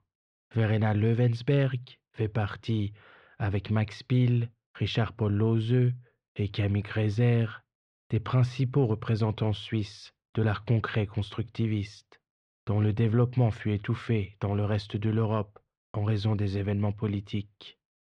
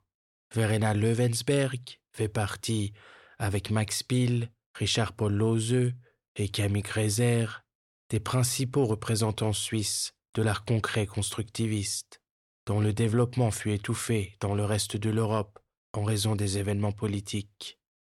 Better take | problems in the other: second | muffled; slightly; fading above 3 kHz

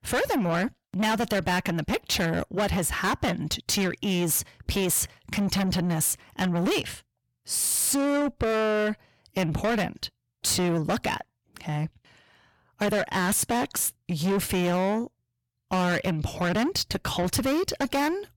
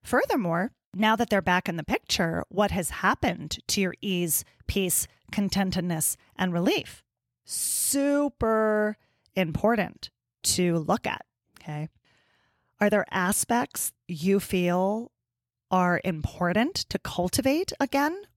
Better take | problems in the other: second | distortion; heavy; 6 dB below the speech

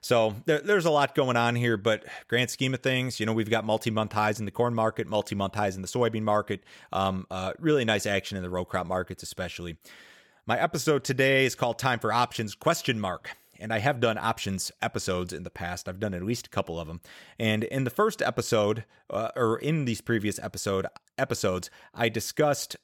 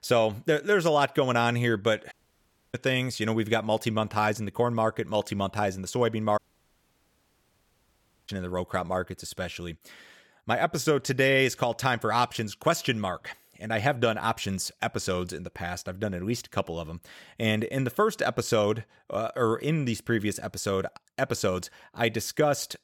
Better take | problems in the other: first | audio cutting out; at 2 s for 0.5 s and at 6.5 s for 2 s

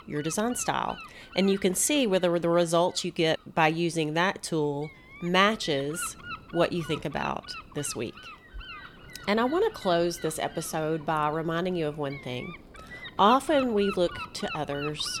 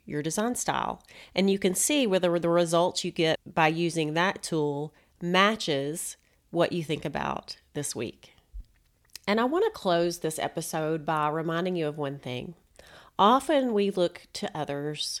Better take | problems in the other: second | wind noise on the microphone; occasional gusts; 15 dB below the speech

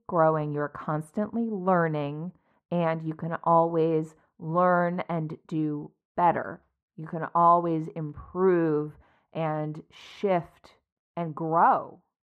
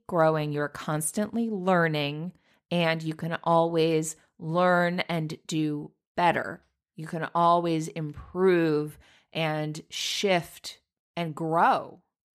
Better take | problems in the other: second | muffled; very; fading above 2.5 kHz

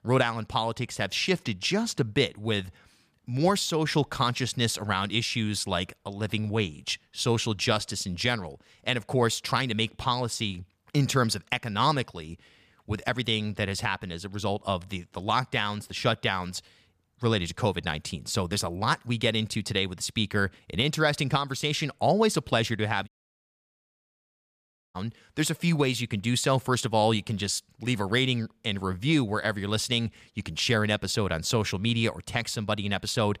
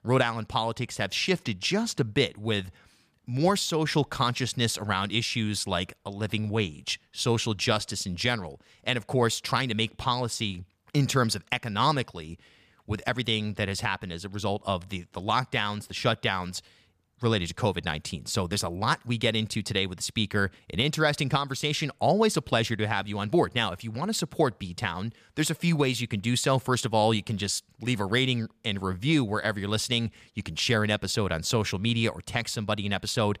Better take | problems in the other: second | audio cutting out; at 23 s for 2 s

